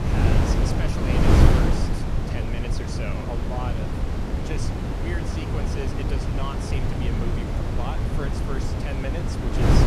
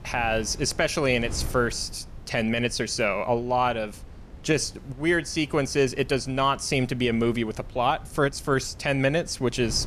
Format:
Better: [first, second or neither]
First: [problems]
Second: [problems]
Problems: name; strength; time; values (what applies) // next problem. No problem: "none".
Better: second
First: wind noise on the microphone; heavy; 5 dB above the speech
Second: wind noise on the microphone; occasional gusts; 25 dB below the speech